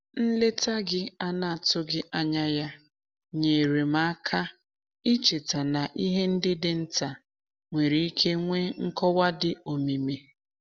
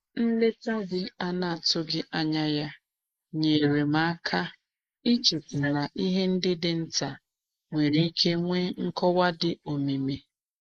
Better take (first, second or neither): first